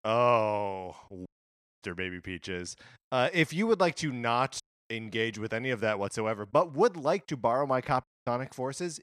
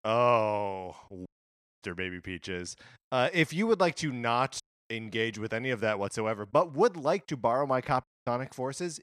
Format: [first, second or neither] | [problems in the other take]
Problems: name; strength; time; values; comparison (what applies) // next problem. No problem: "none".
neither | audio cutting out; at 1.5 s for 0.5 s, at 4.5 s and at 8 s; the same in both